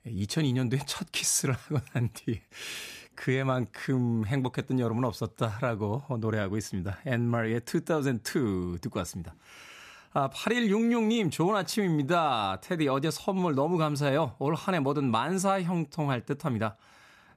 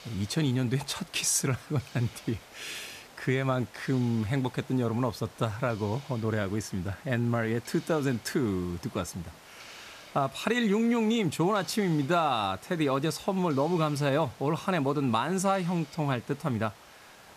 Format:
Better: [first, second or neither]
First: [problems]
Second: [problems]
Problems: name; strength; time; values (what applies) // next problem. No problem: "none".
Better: first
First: none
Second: hiss; faint; throughout; 20 dB below the speech